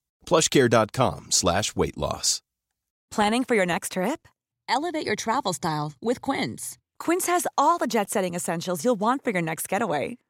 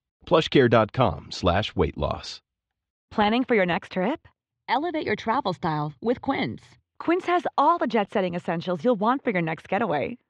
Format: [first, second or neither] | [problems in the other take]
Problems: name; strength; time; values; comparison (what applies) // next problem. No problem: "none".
first | muffled; slightly; fading above 3.5 kHz